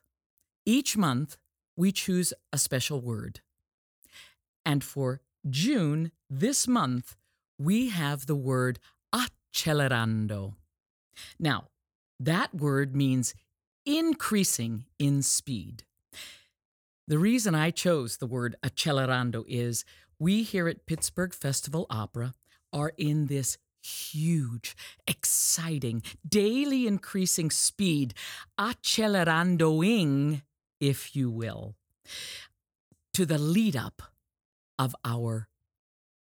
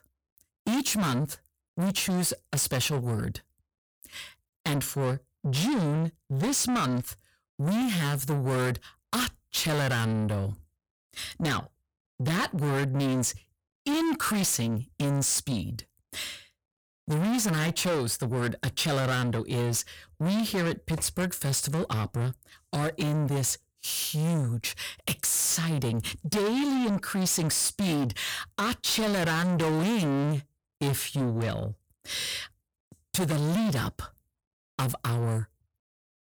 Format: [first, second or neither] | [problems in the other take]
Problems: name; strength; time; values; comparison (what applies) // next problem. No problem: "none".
first | distortion; heavy; 6 dB below the speech